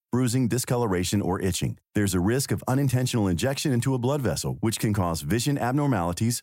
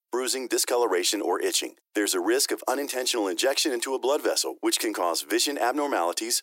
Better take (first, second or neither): first